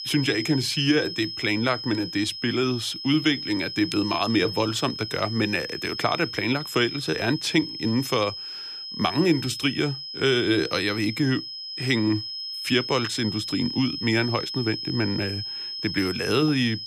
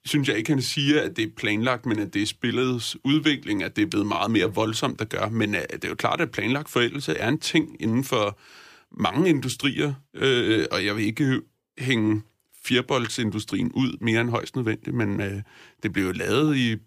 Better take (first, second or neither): second